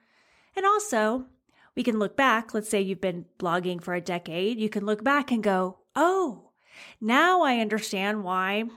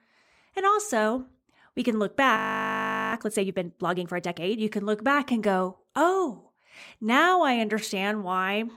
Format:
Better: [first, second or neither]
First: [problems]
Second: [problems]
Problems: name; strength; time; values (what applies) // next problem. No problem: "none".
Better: first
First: none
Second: audio freezing; at 2.5 s for 1 s